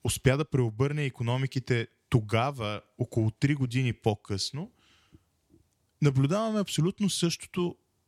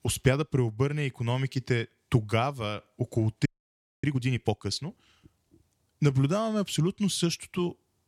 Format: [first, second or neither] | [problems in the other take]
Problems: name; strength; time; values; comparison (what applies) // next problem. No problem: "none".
first | audio freezing; at 3.5 s for 0.5 s